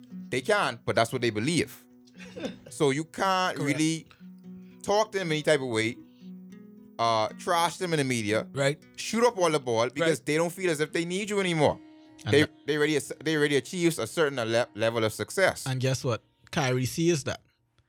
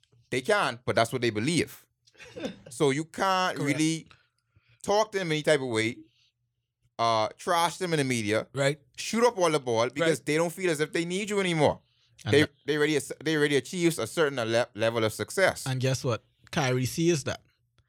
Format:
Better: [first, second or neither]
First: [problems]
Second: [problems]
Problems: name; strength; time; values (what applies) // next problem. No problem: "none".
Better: second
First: background music; faint; throughout; 25 dB below the speech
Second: none